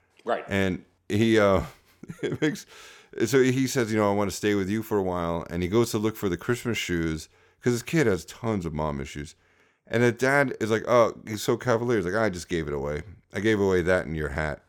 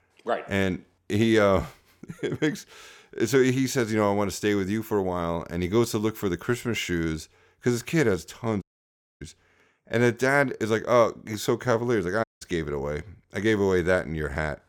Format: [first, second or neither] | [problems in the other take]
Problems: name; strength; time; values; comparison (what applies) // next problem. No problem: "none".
first | audio cutting out; at 8.5 s for 0.5 s and at 12 s